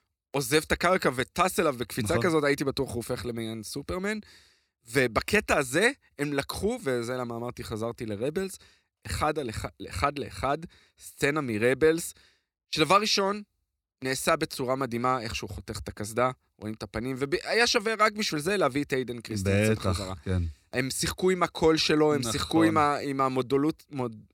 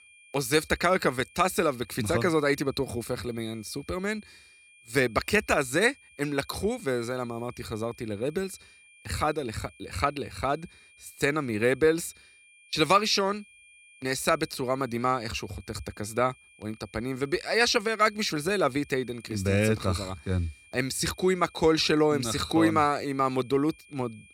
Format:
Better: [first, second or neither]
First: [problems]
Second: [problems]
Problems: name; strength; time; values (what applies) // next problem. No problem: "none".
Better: first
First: none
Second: high-pitched whine; faint; throughout; 2.5 kHz, 25 dB below the speech